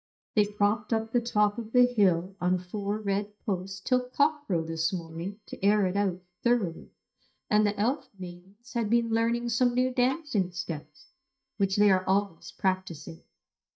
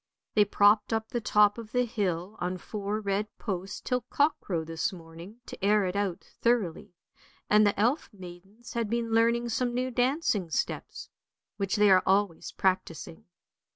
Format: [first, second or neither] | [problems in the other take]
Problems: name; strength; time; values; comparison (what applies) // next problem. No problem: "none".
second | noise reduction (neural mask model DeepFilterNet 3)